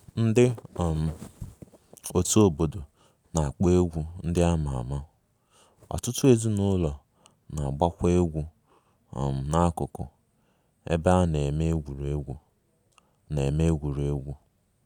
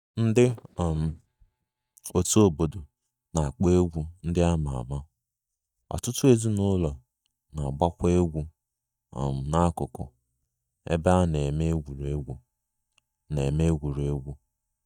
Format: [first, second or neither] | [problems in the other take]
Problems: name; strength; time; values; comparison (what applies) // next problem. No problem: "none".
first | noise reduction (neural mask model DeepFilterNet 3)